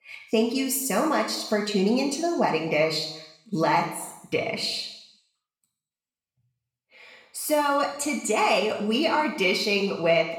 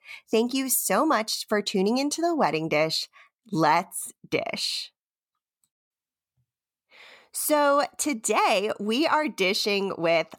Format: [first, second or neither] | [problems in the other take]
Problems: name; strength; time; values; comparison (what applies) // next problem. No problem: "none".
second | room echo; noticeable; dies away in 0.8 s // off-mic speech; somewhat distant